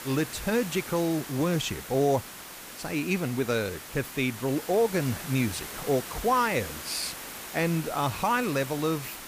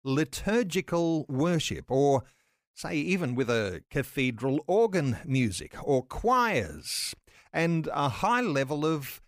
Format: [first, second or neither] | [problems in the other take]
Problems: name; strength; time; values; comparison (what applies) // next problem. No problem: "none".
second | hiss; noticeable; throughout; 10 dB below the speech